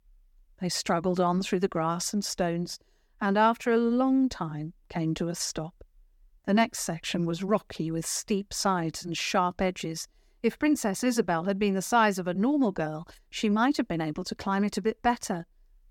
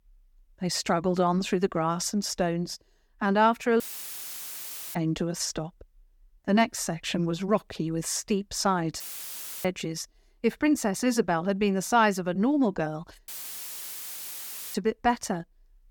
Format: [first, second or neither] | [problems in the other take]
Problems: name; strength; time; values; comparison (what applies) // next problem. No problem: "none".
first | audio cutting out; filled with static; at 4 s for 1 s, at 9 s for 0.5 s and at 13 s for 1.5 s